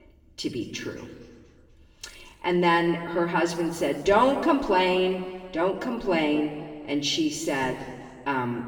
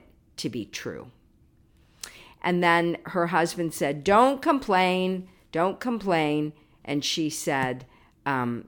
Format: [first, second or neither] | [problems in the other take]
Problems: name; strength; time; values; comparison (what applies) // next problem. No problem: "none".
second | room echo; noticeable; dies away in 1.6 s // off-mic speech; far